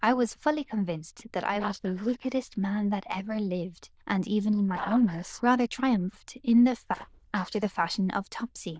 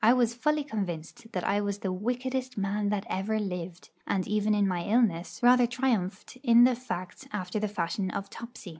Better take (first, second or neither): second